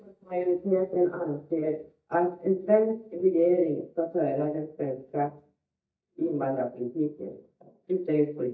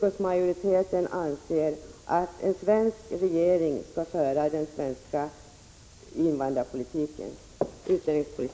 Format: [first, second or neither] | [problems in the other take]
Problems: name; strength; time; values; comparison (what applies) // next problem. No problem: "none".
second | noise reduction (neural mask model DeepFilterNet 3)